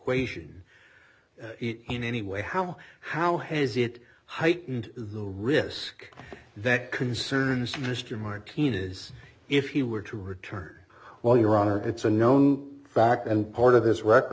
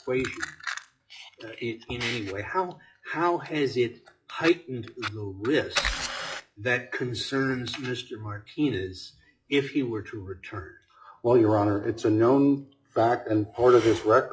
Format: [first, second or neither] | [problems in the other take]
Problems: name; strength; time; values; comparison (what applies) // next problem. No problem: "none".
first | noise reduction (classical method WPE with log-MMSE)